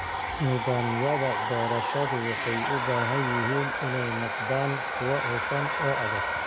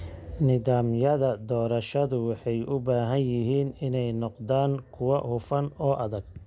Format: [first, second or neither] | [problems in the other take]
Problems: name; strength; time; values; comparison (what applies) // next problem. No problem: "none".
second | background sound (Domestic sounds, home sounds); as loud as the speech